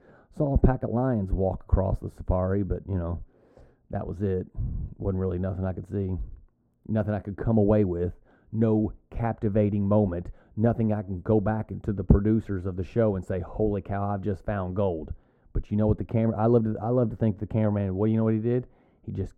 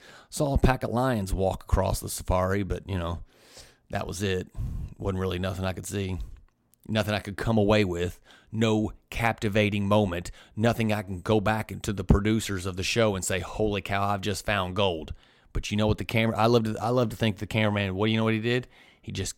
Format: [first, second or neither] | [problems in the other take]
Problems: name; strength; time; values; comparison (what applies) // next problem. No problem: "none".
second | muffled; very; fading above 1.5 kHz